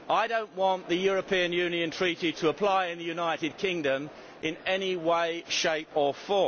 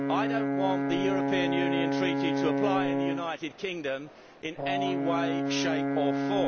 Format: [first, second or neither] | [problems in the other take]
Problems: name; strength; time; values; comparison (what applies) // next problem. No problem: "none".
first | background sound (Brass instrument); 3 dB above the speech